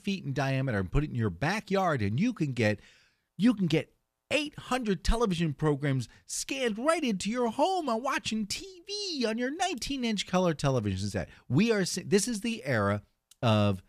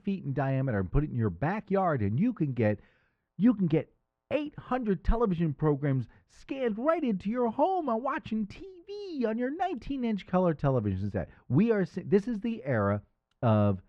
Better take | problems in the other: first | muffled; very; fading above 4 kHz

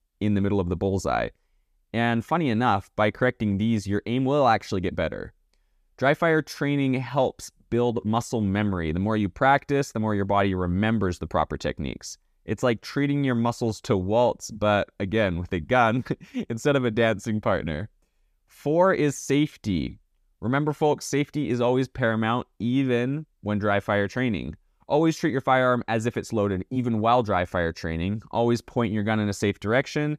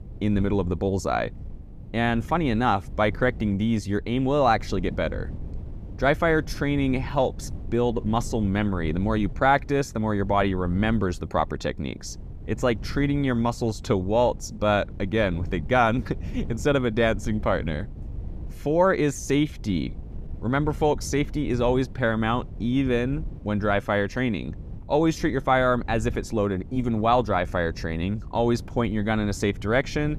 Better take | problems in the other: first | wind noise on the microphone; occasional gusts; 25 dB below the speech

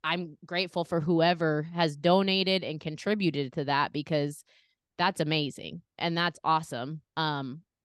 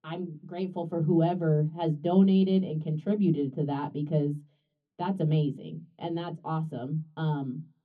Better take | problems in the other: first | room echo; slight; dies away in 0.3 s // off-mic speech; far

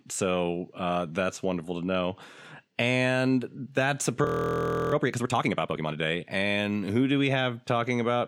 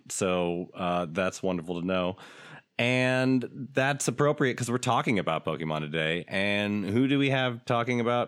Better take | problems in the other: second | audio freezing; at 4.5 s for 0.5 s

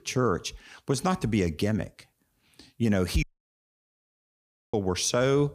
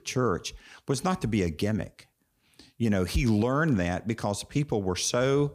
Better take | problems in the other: second | audio cutting out; at 3 s for 1.5 s

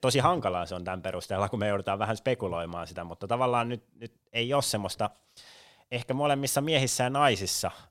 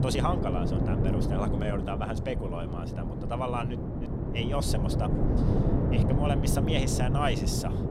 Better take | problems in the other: first | wind noise on the microphone; heavy; 2 dB below the speech

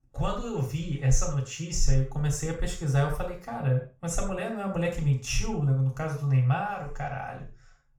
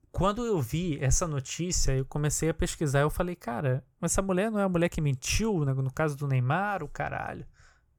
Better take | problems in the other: second | room echo; noticeable; dies away in 0.4 s // off-mic speech; far

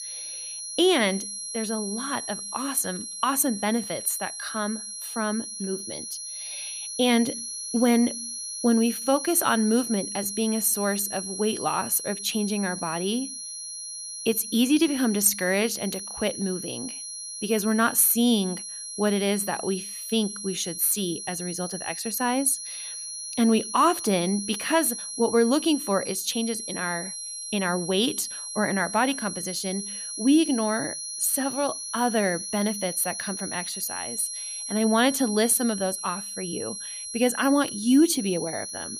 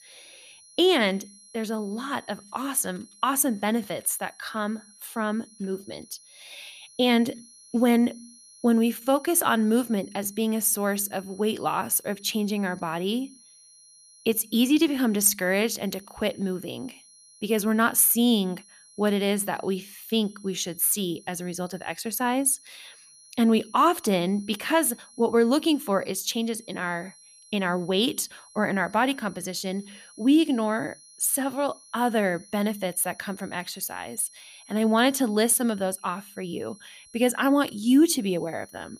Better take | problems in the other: second | high-pitched whine; loud; throughout; 10.5 kHz, 7 dB below the speech; faint in the second

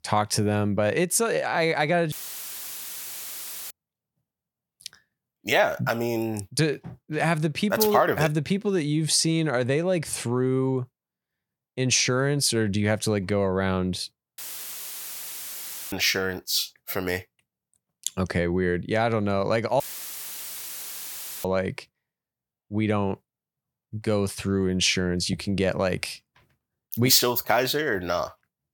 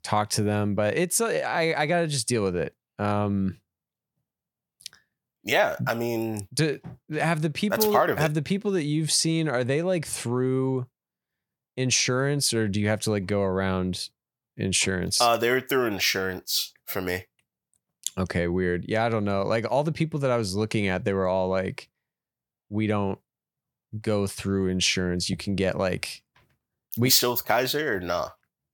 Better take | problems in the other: second | audio cutting out; filled with static; at 2 s for 1.5 s, at 14 s for 1.5 s and at 20 s for 1.5 s

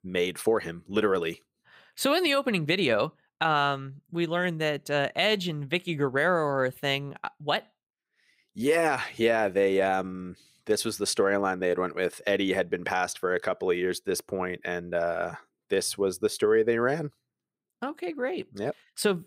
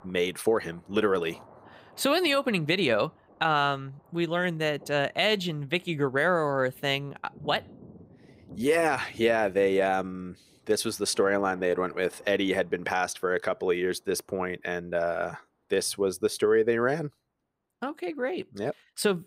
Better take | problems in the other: first | rain or running water; faint; throughout; 25 dB below the speech

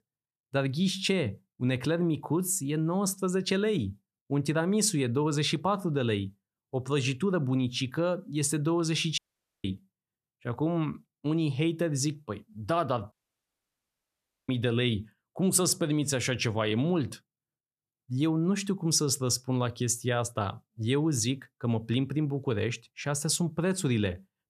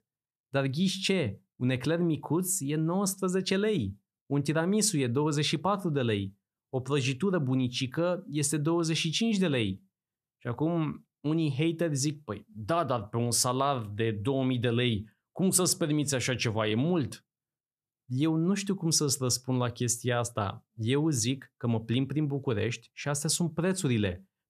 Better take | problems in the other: second | audio cutting out; at 9 s and at 13 s for 1.5 s

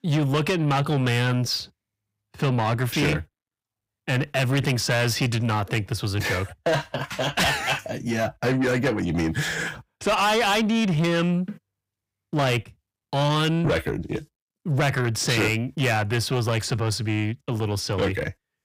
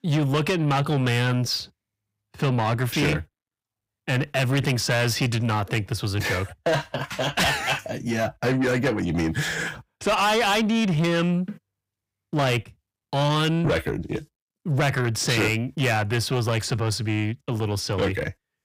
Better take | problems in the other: neither | distortion; heavy; 7 dB below the speech; the same in both

